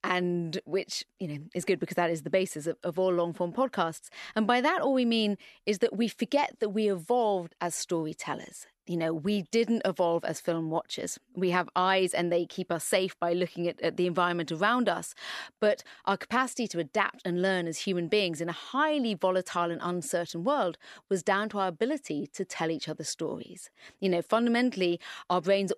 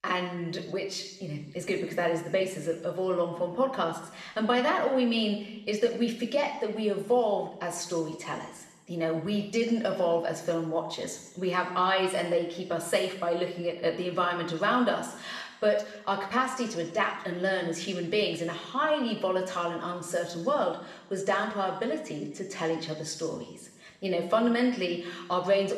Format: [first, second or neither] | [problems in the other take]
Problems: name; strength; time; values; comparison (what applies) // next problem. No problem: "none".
first | room echo; noticeable; dies away in 1 s // off-mic speech; somewhat distant